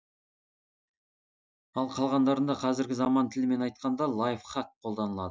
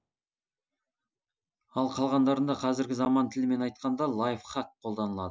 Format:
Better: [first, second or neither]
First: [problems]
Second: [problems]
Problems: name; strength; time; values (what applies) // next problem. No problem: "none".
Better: second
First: noise reduction (neural mask model DeepFilterNet 3)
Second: none